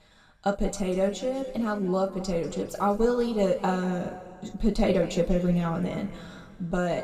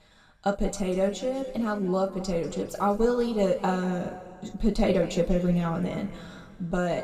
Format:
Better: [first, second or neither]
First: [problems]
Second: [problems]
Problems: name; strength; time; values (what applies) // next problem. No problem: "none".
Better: neither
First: room echo; slight; dies away in 1.8 s // off-mic speech; somewhat distant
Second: room echo; slight; dies away in 1.8 s // off-mic speech; somewhat distant